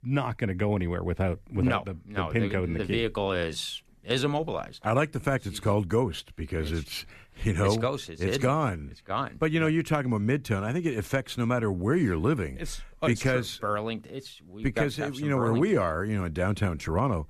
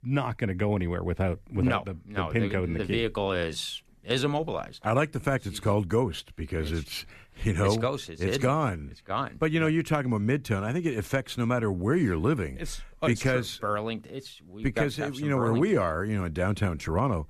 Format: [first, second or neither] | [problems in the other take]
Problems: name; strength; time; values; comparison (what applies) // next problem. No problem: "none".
neither | none